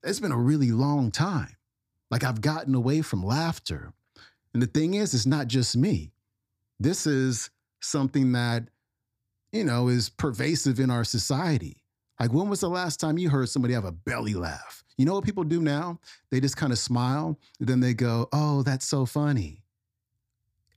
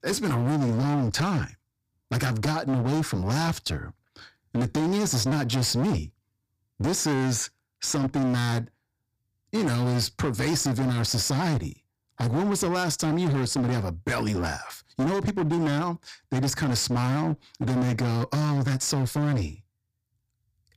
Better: first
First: none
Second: distortion; heavy; 25% of the sound clipped

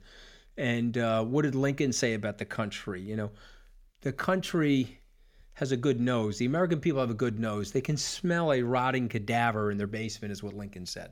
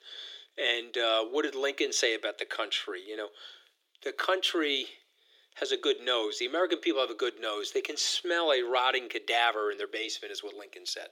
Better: first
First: none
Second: thin; very; fading below 300 Hz

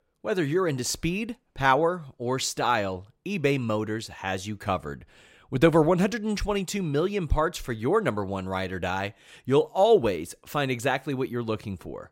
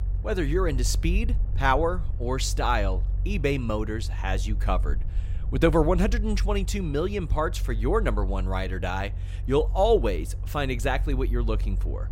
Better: first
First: none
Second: low rumble; faint; throughout; 20 dB below the speech

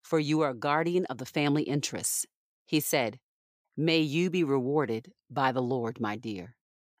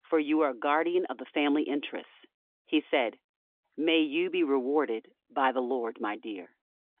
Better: first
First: none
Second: phone-call audio; nothing above 3.5 kHz

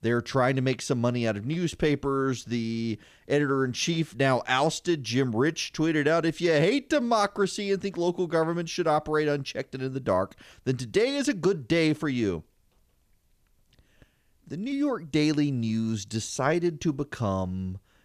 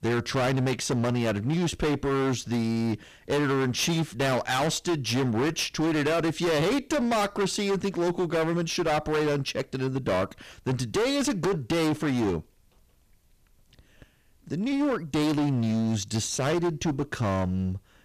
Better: first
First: none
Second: distortion; heavy; 25% of the sound clipped

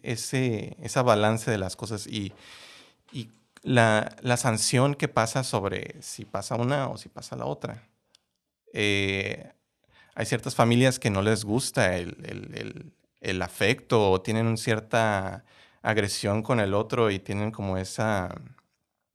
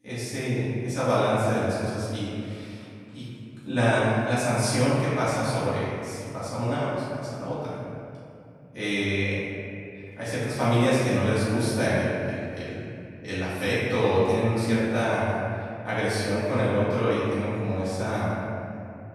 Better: first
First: none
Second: off-mic speech; far // room echo; strong; dies away in 2.5 s

